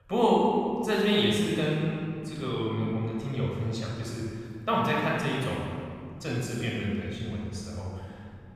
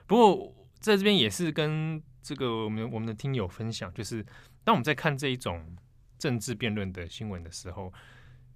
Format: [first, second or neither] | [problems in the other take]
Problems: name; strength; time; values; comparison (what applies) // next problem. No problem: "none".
second | off-mic speech; far // room echo; strong; dies away in 2.1 s